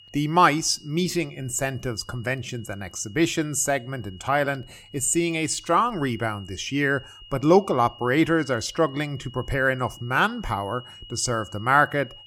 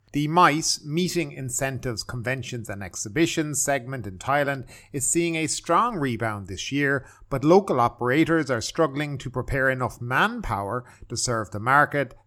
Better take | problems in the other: second | high-pitched whine; faint; throughout; 3 kHz, 20 dB below the speech

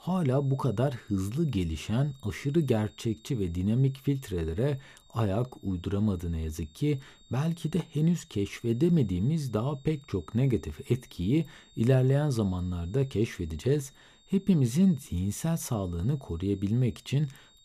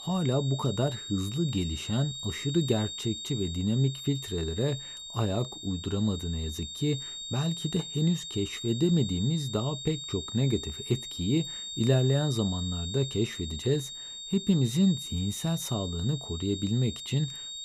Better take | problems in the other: first | high-pitched whine; loud; throughout; 3.5 kHz, 7 dB below the speech; faint in the first

